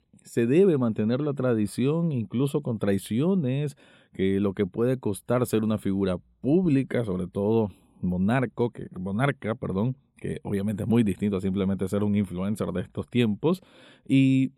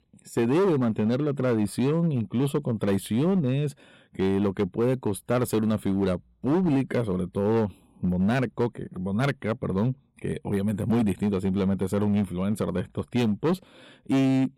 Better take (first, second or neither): first